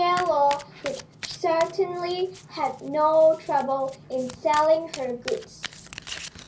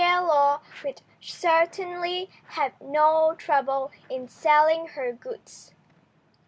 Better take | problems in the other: second | background sound (Domestic sounds, home sounds); 17 dB below the speech // room echo; dies away in 0.5 s

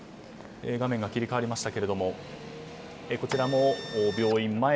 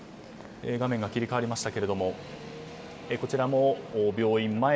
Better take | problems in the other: second | background sound (Printer); 10 dB below the speech

